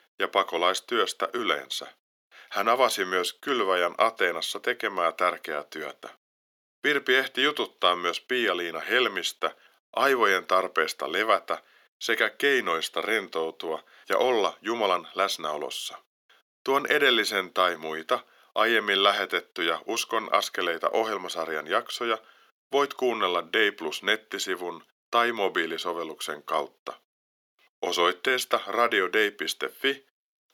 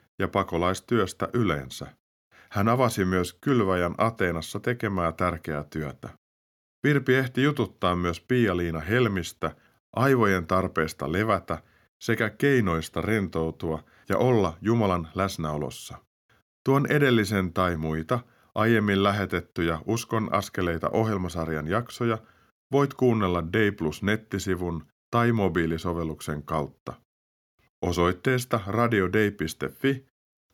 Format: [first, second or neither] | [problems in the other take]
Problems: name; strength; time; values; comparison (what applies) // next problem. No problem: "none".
second | thin; very; fading below 450 Hz